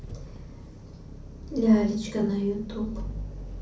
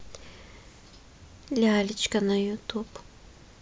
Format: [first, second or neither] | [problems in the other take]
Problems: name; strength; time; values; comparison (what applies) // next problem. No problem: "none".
second | background sound (Engine); 10 dB below the speech // room echo; dies away in 0.6 s